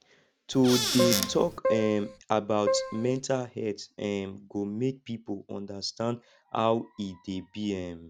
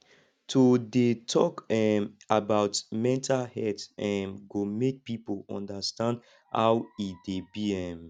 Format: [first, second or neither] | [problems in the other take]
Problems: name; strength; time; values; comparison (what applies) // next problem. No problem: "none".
second | background sound (Squeak / Cupboard open or close + Keyboard (musical)); as loud as the speech